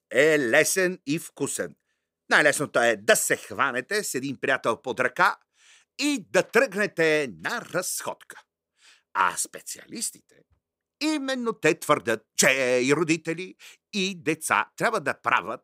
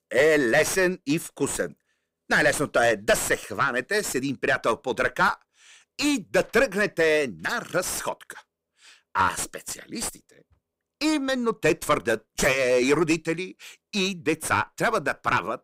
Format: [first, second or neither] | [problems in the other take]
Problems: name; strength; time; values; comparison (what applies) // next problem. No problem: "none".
first | distortion; heavy; 7 dB below the speech